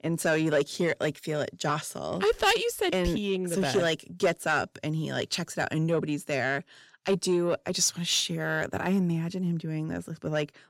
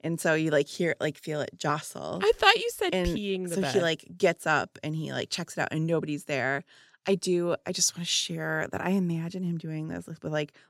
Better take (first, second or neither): second